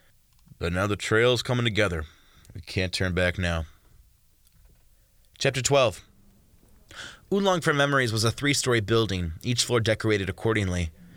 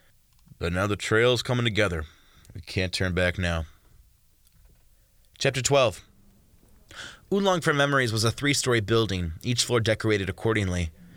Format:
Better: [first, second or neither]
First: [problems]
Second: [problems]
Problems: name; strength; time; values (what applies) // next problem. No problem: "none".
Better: neither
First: none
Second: none